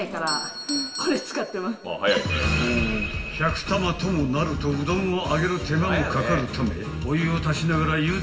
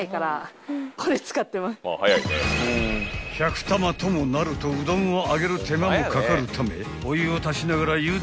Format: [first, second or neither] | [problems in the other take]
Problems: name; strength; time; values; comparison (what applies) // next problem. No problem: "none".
second | background sound (Doorbell); 16 dB below the speech // room echo; dies away in 1.7 s